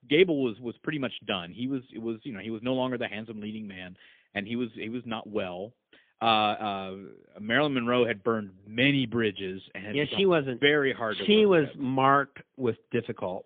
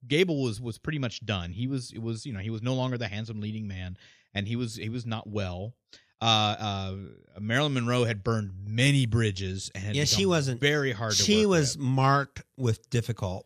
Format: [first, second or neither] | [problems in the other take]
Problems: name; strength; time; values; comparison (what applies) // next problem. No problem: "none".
second | phone-call audio; poor line